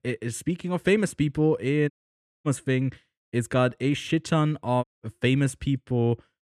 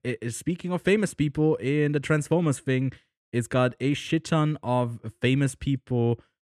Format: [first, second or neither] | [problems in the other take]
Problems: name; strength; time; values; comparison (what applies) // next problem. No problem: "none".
second | audio cutting out; at 2 s for 0.5 s and at 5 s